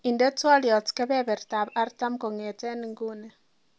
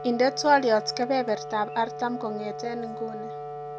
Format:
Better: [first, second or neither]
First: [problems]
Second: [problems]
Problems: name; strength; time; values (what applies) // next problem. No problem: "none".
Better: first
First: none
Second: background sound (Wind instrument, woodwind instrument); 10 dB below the speech